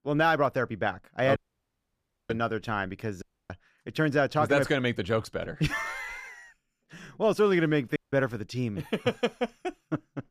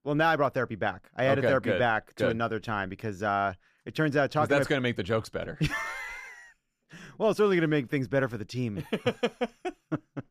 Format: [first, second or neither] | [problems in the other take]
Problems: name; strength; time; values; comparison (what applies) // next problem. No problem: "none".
second | audio cutting out; at 1.5 s for 1 s, at 3 s and at 8 s